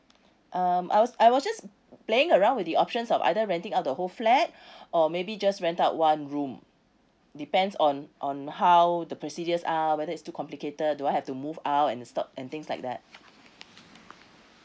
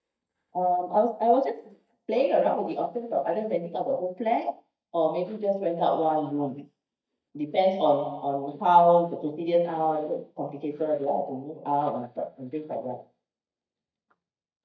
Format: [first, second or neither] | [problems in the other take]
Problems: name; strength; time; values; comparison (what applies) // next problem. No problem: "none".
first | noise reduction (neural mask model DeepFilterNet 3)